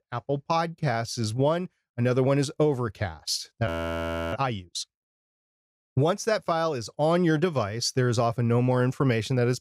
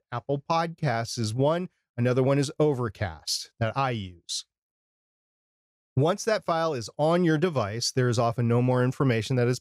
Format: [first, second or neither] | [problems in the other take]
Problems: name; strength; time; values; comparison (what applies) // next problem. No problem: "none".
second | audio freezing; at 3.5 s for 0.5 s